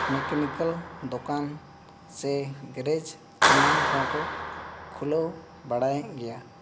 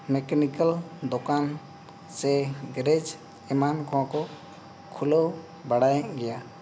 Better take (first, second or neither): second